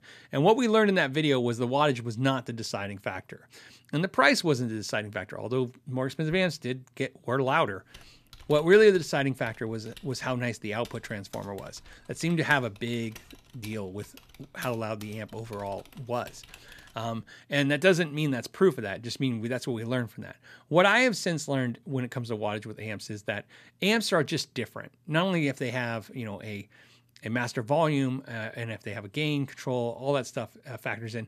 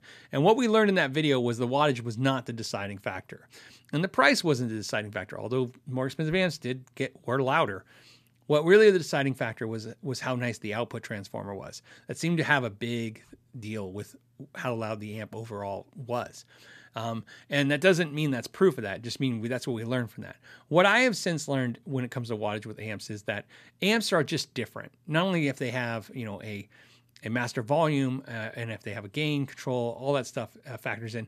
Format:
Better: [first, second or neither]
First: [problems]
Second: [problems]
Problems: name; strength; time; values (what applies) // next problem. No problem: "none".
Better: second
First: keyboard typing; faint; from 8 to 17 s; peak 15 dB below the speech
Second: none